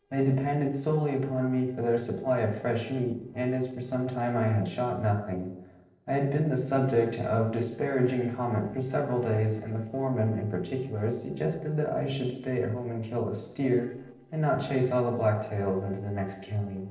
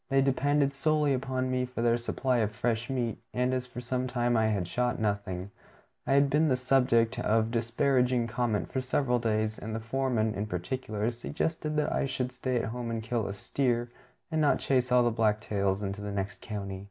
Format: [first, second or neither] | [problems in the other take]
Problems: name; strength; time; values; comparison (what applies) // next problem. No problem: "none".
second | noise reduction (neural separator model SepFormer DNS4)